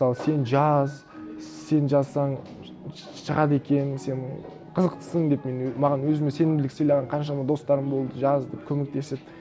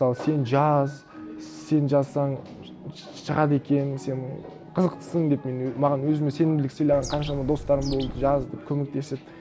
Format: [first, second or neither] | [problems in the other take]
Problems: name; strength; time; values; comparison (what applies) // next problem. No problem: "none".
first | background sound (Bird); 10 dB below the speech